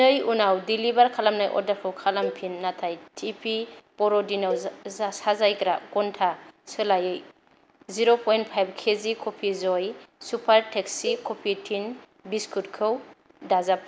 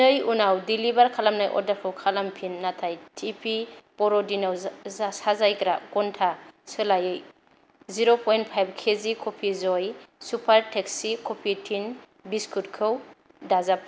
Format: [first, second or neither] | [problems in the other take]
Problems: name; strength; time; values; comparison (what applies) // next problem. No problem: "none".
second | background sound (Cowbell); 14 dB below the speech